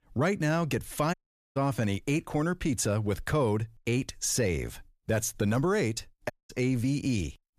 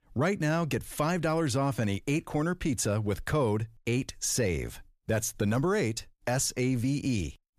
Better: second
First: audio cutting out; at 1 s and at 6.5 s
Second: none

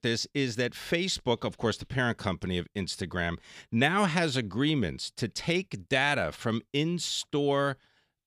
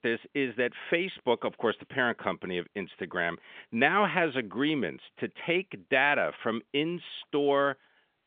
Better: first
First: none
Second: phone-call audio; nothing above 3 kHz

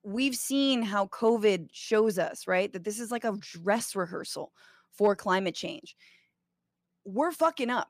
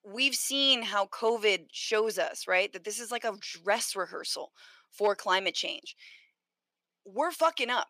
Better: first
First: none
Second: thin; somewhat; fading below 450 Hz

